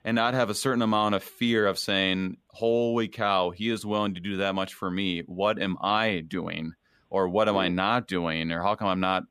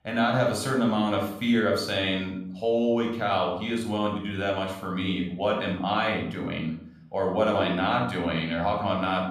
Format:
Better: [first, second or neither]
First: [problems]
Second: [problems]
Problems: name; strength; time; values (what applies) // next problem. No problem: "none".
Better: first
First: none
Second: off-mic speech; somewhat distant // room echo; noticeable; dies away in 0.5 s